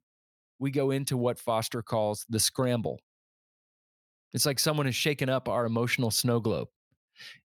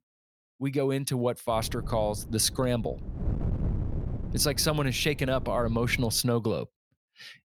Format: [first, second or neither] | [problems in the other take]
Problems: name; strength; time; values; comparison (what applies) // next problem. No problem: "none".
first | wind noise on the microphone; occasional gusts; from 1.5 to 6 s; 15 dB below the speech